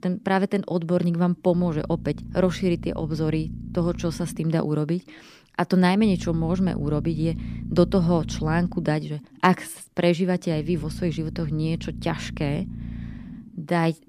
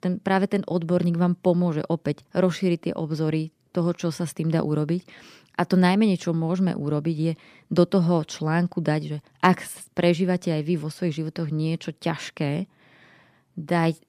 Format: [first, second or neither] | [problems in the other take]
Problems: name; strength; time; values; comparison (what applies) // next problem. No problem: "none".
second | low rumble; noticeable; throughout; 15 dB below the speech